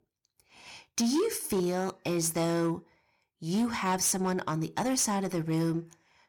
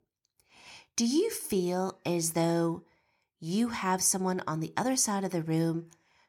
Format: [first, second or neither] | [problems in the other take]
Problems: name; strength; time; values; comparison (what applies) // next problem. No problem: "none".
second | distortion; slight; 8% of the sound clipped